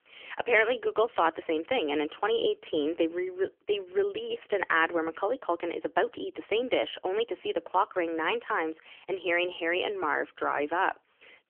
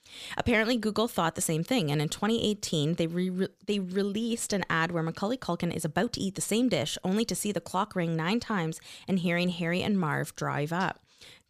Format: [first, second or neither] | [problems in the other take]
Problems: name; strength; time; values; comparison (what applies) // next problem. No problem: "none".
second | phone-call audio; poor line; nothing above 3.5 kHz